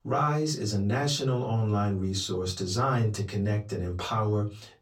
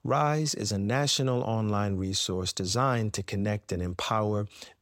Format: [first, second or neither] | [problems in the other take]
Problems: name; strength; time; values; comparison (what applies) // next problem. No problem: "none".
second | off-mic speech; far // room echo; very slight; dies away in 0.2 s